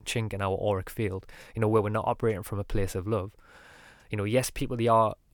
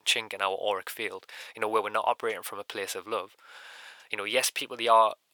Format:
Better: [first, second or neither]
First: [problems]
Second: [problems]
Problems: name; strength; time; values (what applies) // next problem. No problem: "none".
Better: first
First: none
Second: thin; very; fading below 700 Hz